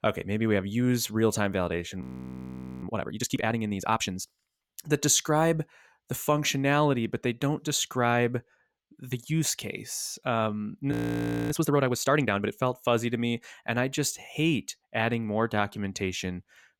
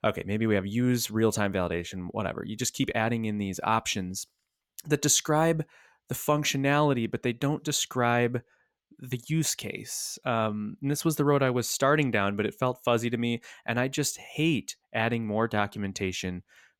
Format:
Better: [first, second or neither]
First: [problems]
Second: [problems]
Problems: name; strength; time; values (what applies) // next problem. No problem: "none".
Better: second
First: audio freezing; at 2 s for 1 s and at 11 s for 0.5 s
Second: none